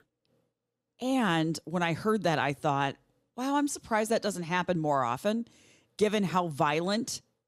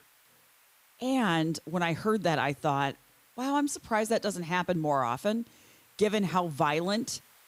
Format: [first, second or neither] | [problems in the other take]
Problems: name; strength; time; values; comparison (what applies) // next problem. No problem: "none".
first | hiss; faint; throughout; 30 dB below the speech